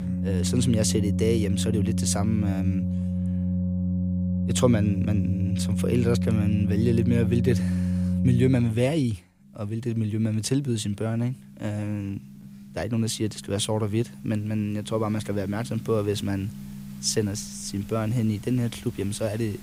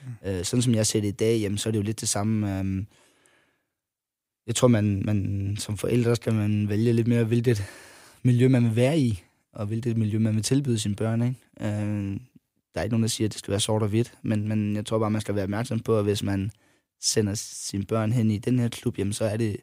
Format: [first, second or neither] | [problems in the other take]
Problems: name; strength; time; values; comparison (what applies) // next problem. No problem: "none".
second | background music; loud; throughout; 1 dB below the speech